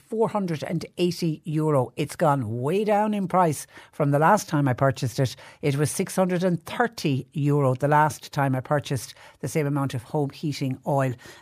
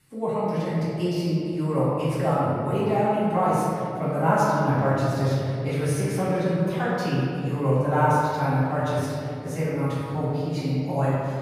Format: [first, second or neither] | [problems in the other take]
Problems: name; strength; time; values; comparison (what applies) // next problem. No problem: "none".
first | off-mic speech; far // room echo; strong; dies away in 2.4 s